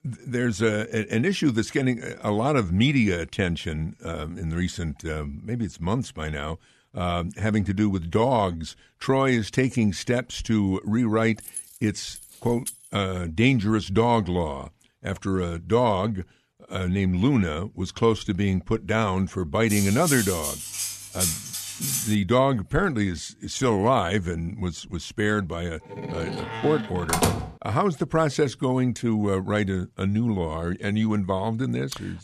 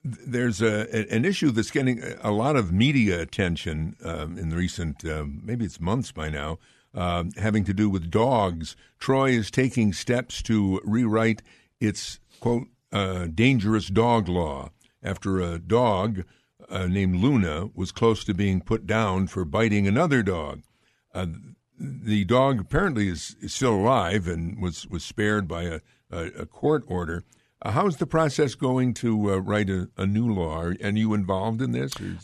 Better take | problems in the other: second | jangling keys; faint; from 11 to 13 s; peak 10 dB below the speech // clattering dishes; loud; from 20 to 22 s; peak level with the speech // door banging; loud; from 26 to 27 s; peak 2 dB above the speech

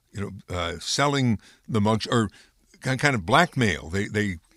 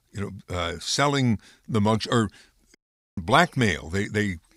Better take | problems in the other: first | audio cutting out; at 3 s

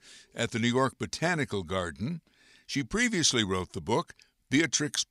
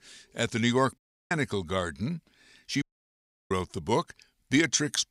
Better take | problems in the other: first | audio cutting out; at 1 s and at 3 s for 0.5 s

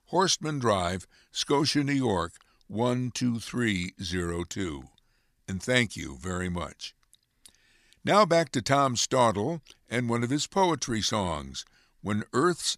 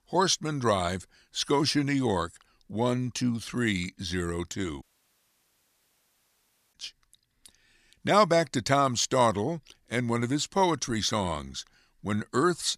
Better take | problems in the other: first | audio cutting out; at 5 s for 2 s

